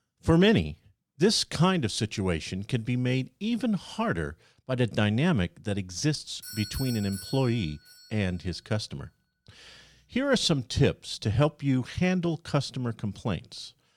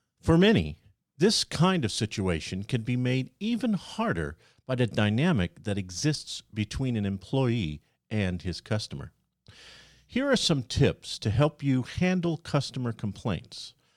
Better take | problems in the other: second | doorbell; noticeable; from 6.5 to 8 s; peak 9 dB below the speech

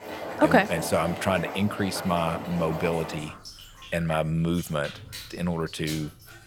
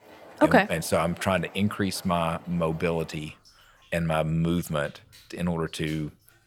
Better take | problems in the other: second | household noises; loud; throughout; 10 dB below the speech; faint in the second

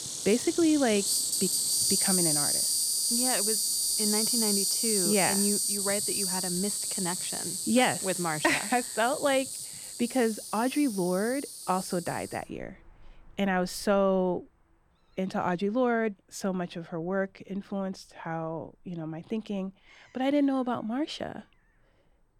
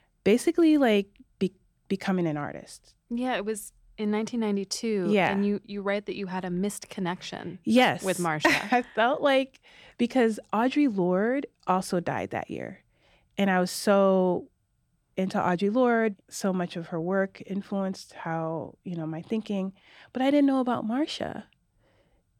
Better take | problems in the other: second | animal sounds; very loud; throughout; 3 dB above the speech

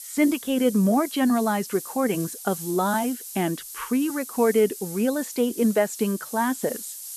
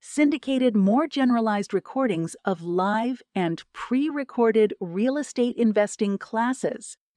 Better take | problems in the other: second | hiss; noticeable; throughout; 10 dB below the speech

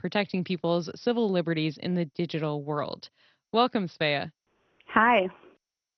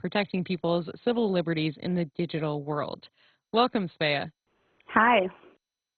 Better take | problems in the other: first | garbled, watery; badly; nothing above 4 kHz; slightly in the first

